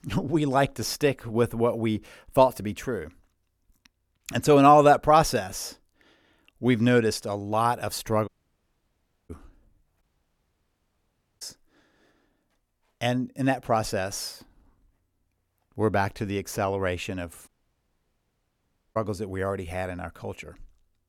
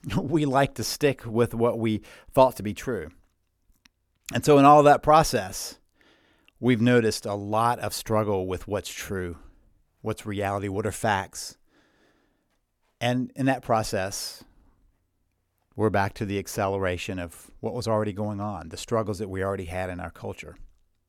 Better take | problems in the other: second | audio cutting out; at 8.5 s for 1 s, at 10 s for 1.5 s and at 17 s for 1.5 s

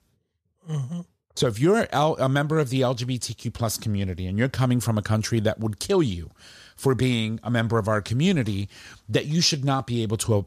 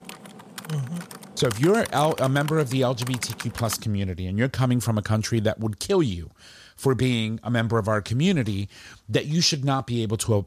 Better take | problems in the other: first | keyboard typing; noticeable; until 4 s; peak 9 dB below the speech

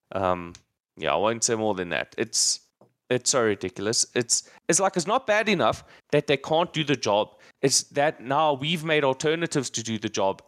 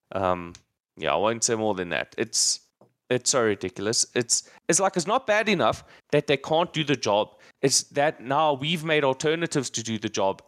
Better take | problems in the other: neither | none

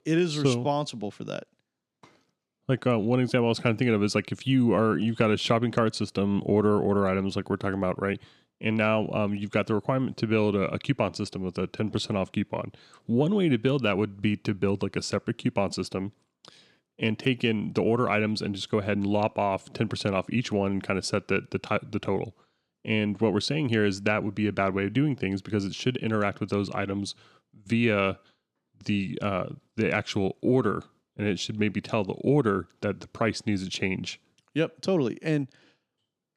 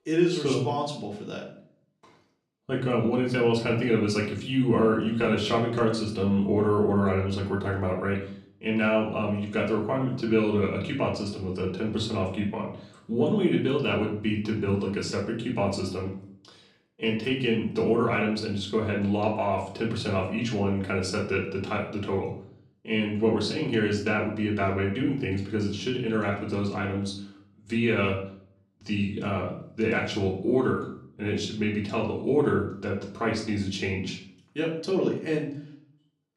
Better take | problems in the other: first | off-mic speech; far // room echo; slight; dies away in 0.4 s

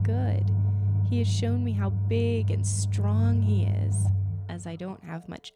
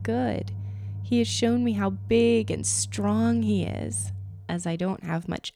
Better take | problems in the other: second | low rumble; loud; throughout; 4 dB below the speech; faint in the second

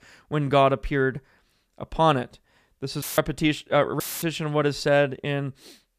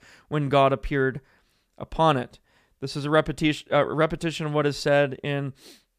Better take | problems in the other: second | audio cutting out; filled with static; at 3 s and at 4 s

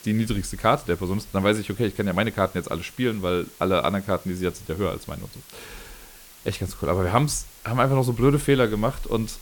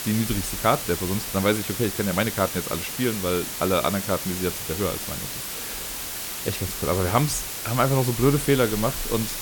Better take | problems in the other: first | hiss; loud; throughout; 4 dB below the speech; faint in the first

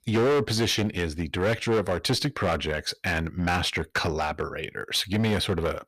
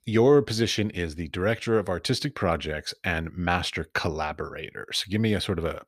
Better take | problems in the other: second | distortion; heavy; 11% of the sound clipped

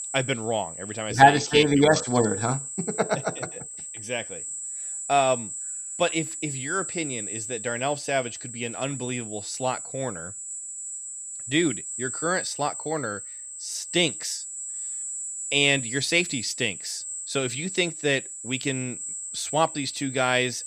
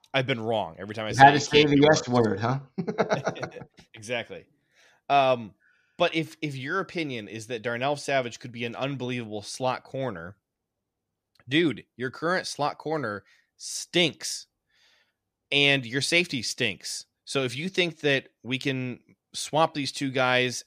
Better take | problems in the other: second | high-pitched whine; loud; throughout; 8 kHz, 7 dB below the speech

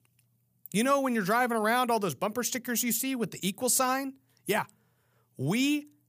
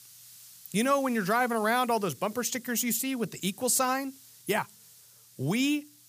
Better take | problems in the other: first | hiss; faint; throughout; 20 dB below the speech

